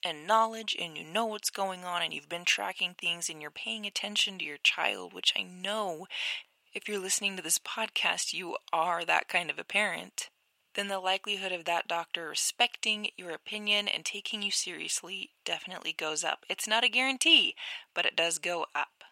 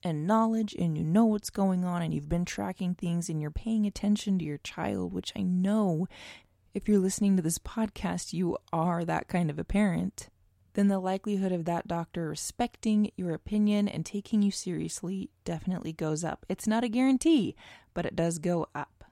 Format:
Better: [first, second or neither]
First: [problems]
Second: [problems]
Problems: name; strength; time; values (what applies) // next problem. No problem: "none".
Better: second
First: thin; very; fading below 800 Hz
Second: none